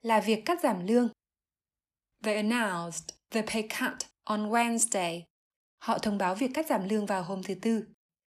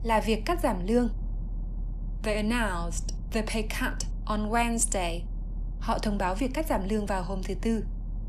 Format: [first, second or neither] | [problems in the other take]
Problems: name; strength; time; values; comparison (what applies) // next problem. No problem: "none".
first | low rumble; faint; throughout; 25 dB below the speech